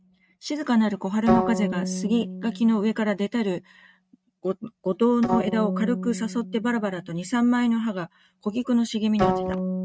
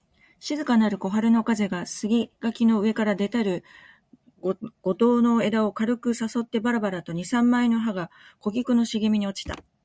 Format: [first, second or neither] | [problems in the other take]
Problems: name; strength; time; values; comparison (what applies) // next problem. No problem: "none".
second | noise reduction (neural mask model RNNoise)